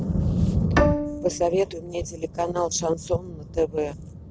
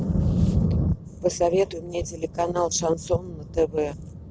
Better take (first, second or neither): second